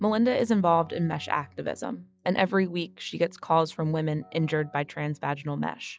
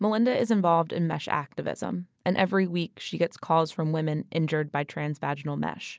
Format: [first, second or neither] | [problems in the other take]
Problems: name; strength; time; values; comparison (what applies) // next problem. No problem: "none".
second | noise reduction (classical method log-MMSE)